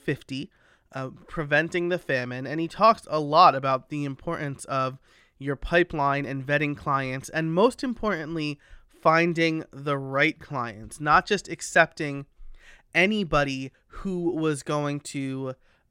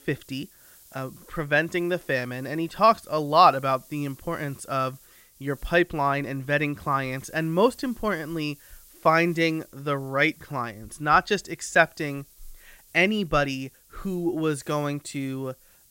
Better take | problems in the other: first | hiss; faint; throughout; 25 dB below the speech

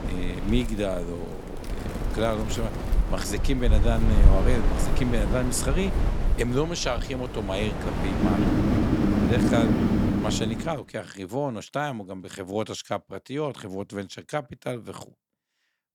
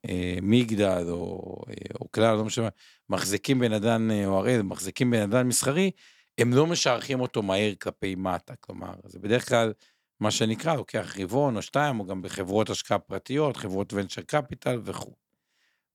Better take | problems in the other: second | wind in the background; very loud; until 10 s; 3 dB above the speech

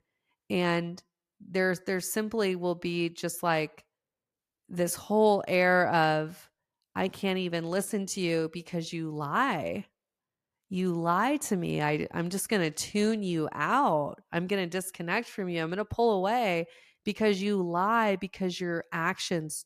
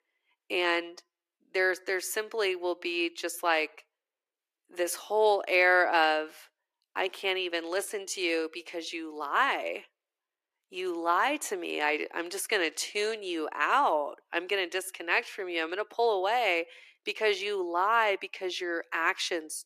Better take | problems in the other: first | thin; very; fading below 350 Hz

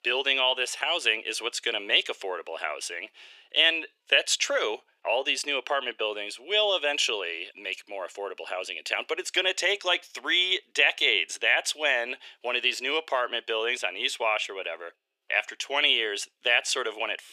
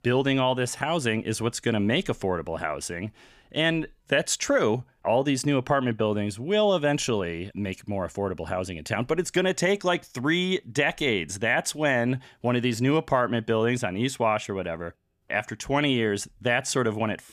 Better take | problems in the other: second | thin; very; fading below 400 Hz

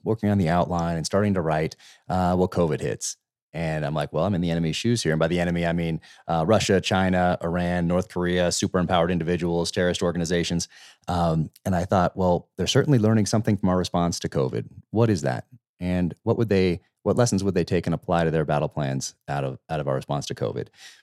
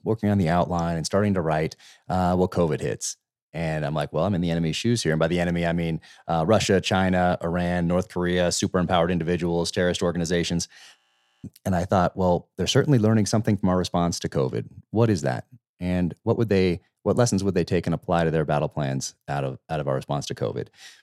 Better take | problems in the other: first | audio freezing; at 11 s

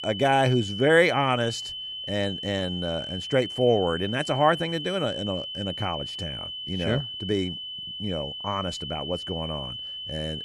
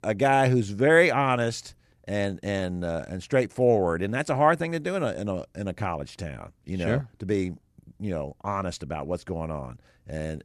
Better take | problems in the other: second | high-pitched whine; loud; throughout; 3 kHz, 7 dB below the speech

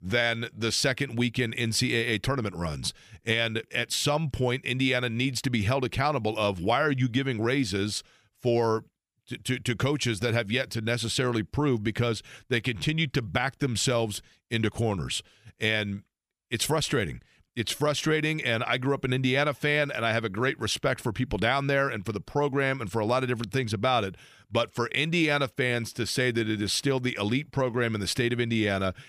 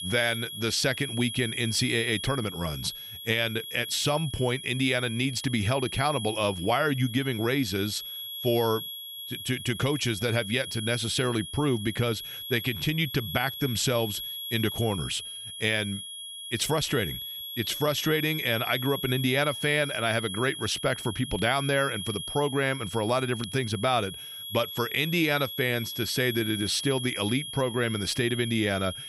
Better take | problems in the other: first | high-pitched whine; loud; throughout; 3.5 kHz, 7 dB below the speech

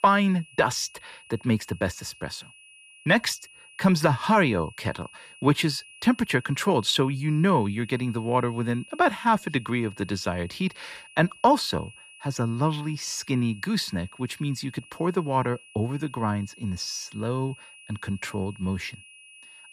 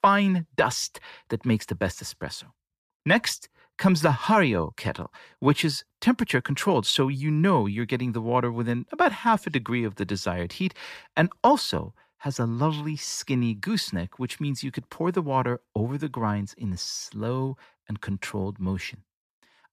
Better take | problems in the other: second | high-pitched whine; faint; throughout; 2.5 kHz, 20 dB below the speech

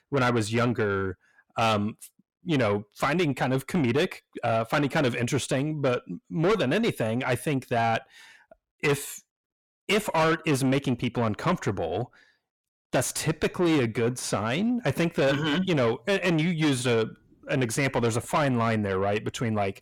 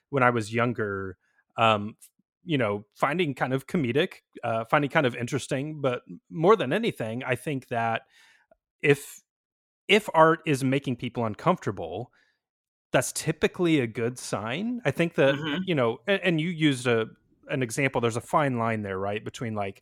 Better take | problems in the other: second | distortion; heavy; 6 dB below the speech

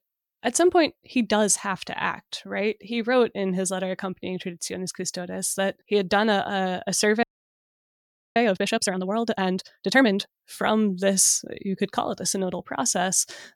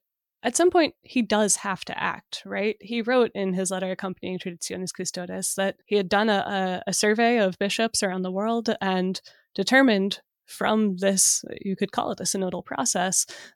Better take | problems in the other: second | audio freezing; at 7 s for 1 s

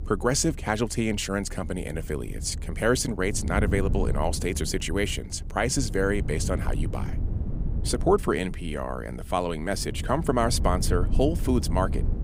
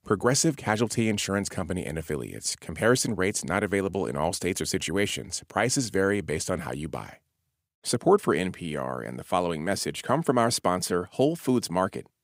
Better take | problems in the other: second | low rumble; noticeable; throughout; 15 dB below the speech

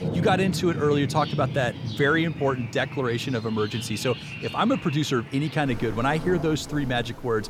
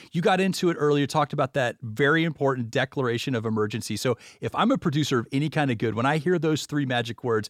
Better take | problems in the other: second | rain or running water; loud; throughout; 9 dB below the speech

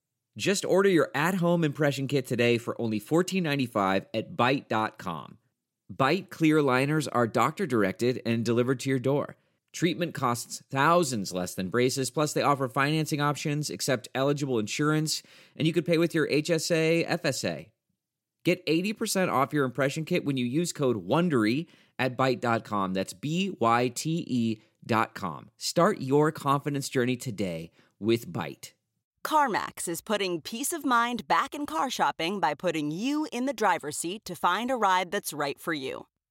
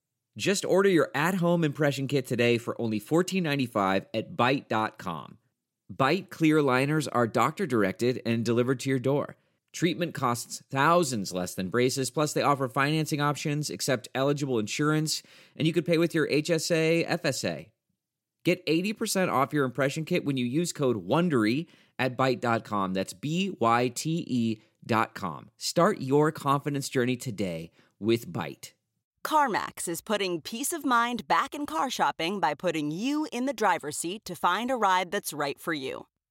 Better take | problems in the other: neither | none

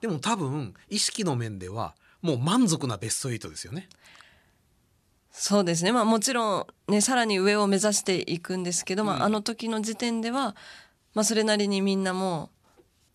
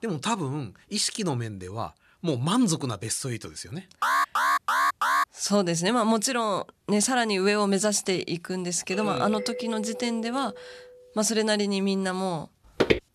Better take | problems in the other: first | alarm; loud; from 4 to 5 s; peak 4 dB above the speech // doorbell; noticeable; from 9 to 11 s; peak 6 dB below the speech // footsteps; loud; at 13 s; peak 2 dB above the speech

